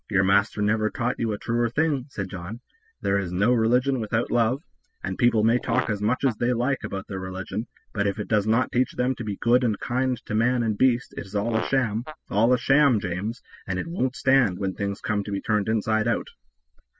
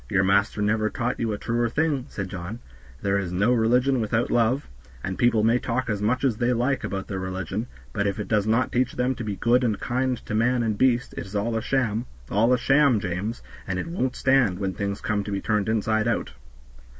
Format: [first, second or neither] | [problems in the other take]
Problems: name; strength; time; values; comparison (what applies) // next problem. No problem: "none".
second | noise reduction (classical method spectral subtraction)